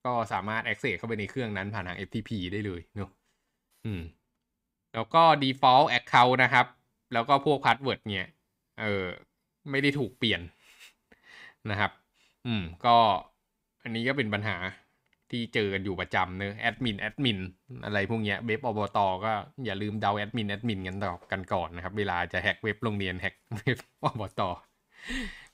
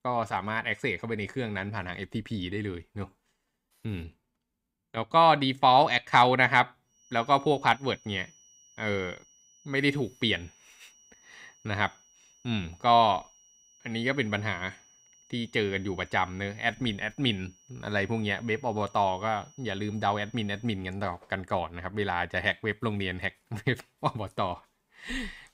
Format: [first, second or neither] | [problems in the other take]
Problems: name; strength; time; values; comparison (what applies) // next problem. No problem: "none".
first | high-pitched whine; faint; from 7 to 21 s; 6 kHz, 30 dB below the speech